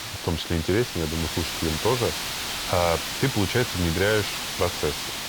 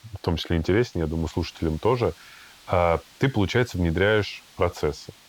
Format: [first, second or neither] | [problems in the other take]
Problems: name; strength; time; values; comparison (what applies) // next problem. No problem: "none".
second | hiss; loud; throughout; 2 dB below the speech; faint in the second